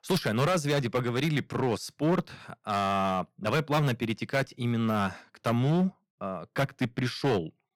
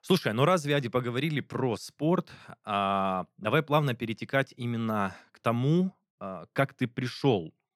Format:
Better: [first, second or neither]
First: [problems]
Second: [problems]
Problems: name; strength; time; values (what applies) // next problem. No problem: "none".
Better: second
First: distortion; heavy; 9% of the sound clipped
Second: none